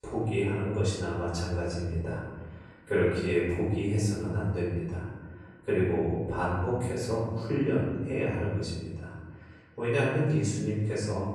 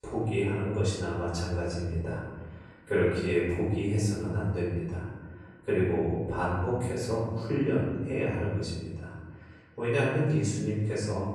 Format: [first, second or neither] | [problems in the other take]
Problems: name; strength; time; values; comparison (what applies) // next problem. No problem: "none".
neither | room echo; noticeable; dies away in 1.5 s; the same in both // off-mic speech; far; the same in both